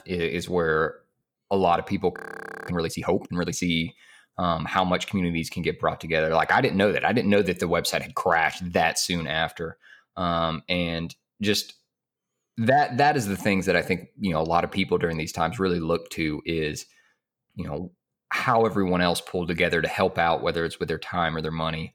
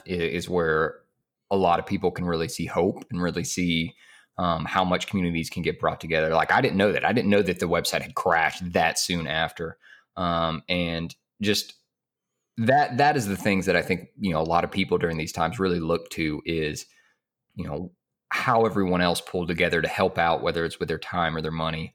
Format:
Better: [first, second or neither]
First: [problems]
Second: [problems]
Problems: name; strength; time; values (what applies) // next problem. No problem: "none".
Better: second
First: audio freezing; at 2 s for 0.5 s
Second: none